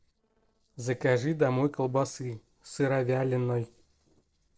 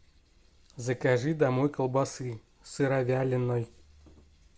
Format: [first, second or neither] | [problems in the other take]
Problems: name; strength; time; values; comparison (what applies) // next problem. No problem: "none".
second | noise reduction (neural separator model SepFormer DNS4)